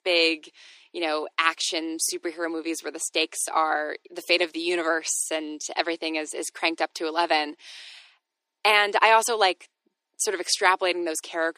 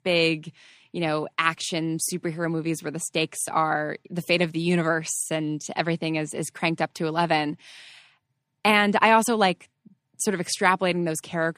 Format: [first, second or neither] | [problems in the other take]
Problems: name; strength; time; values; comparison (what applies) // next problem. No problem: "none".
second | thin; very; fading below 350 Hz